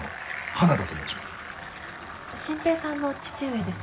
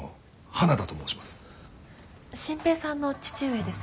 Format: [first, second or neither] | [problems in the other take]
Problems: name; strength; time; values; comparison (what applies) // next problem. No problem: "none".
second | background sound (Bicycle); 9 dB below the speech // room echo; dies away in 0.2 s